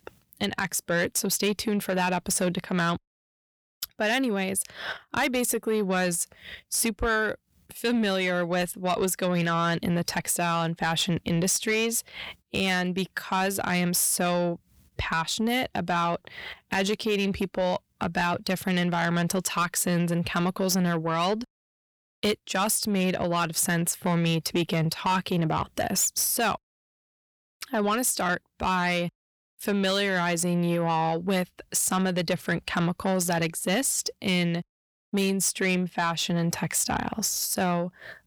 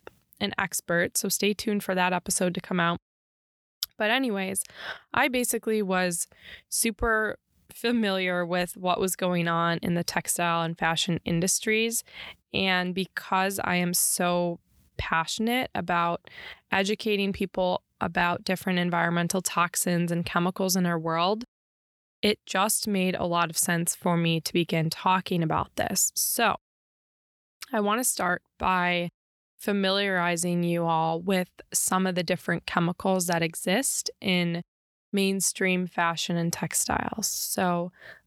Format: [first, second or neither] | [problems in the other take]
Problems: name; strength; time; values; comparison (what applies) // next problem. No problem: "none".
second | distortion; slight; 10 dB below the speech